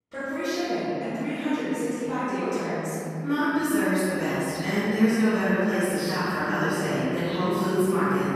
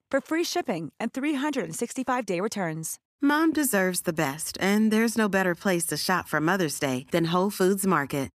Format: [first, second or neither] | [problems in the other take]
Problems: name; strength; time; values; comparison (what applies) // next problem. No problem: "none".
second | room echo; strong; dies away in 2.7 s // off-mic speech; far